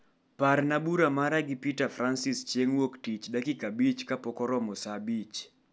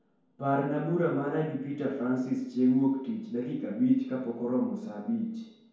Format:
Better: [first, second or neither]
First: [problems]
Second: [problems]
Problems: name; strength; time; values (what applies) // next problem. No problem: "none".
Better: first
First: none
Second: room echo; dies away in 0.9 s